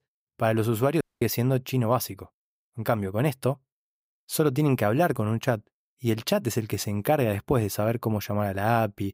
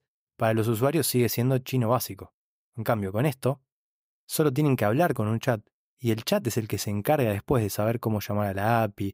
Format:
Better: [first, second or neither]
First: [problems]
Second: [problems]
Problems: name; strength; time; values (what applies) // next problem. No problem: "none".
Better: second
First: audio cutting out; at 1 s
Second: none